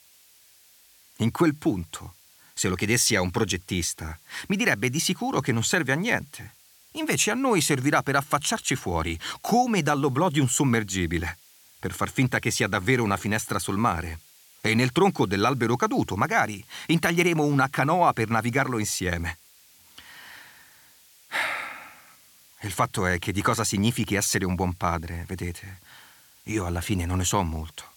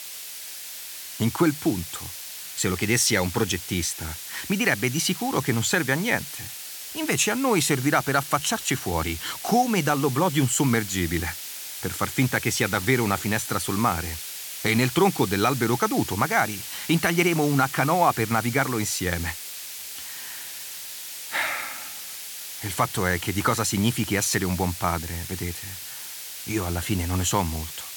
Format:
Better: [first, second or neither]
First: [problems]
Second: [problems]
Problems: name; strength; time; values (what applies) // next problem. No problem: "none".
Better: first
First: hiss; faint; throughout; 30 dB below the speech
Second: hiss; loud; throughout; 9 dB below the speech